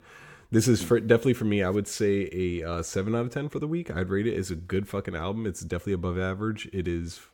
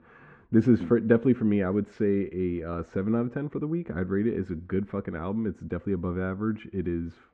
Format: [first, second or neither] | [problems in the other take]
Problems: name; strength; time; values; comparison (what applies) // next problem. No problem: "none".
first | muffled; very; fading above 1.5 kHz